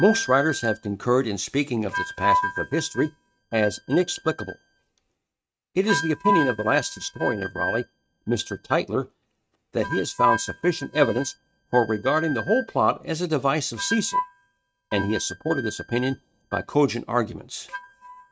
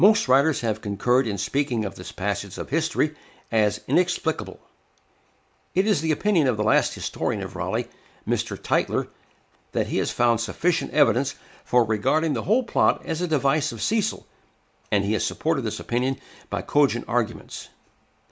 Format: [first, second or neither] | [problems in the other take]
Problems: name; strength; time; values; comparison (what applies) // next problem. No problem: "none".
second | noise reduction (neural mask model RNNoise)